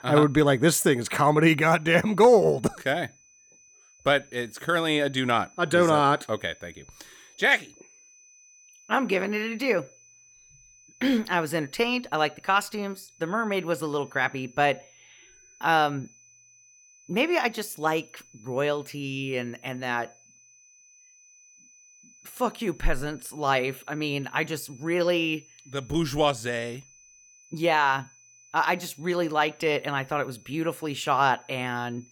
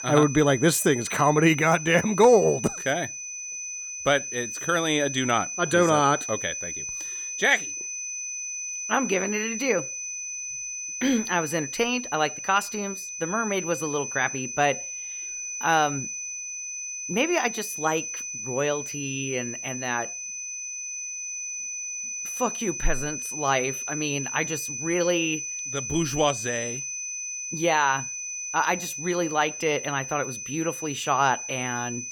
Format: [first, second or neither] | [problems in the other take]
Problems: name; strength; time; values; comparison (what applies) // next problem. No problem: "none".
first | high-pitched whine; loud; throughout; 6 kHz, 6 dB below the speech; faint in the first